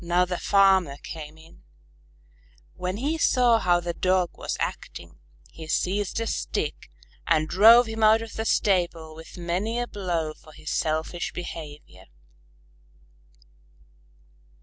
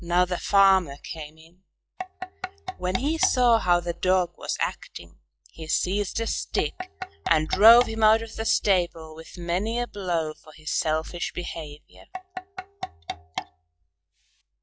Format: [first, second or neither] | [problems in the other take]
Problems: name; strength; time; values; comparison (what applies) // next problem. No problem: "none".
first | noise reduction (classical method log-MMSE)